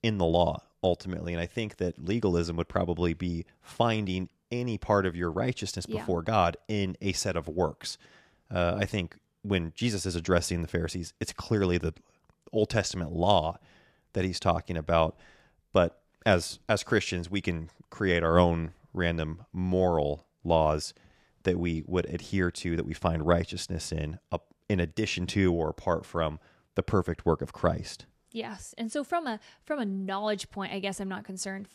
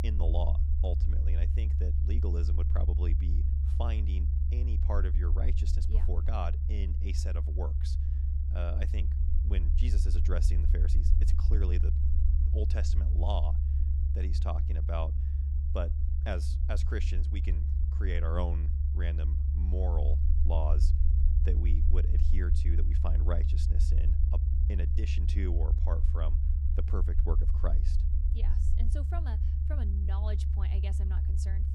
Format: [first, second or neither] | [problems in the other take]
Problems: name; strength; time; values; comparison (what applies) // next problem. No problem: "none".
first | low rumble; loud; throughout; 4 dB below the speech